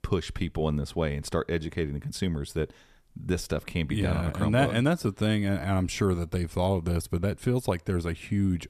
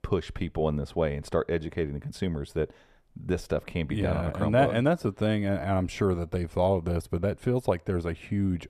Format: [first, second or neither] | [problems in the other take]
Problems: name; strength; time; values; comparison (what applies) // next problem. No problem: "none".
first | muffled; slightly; fading above 3.5 kHz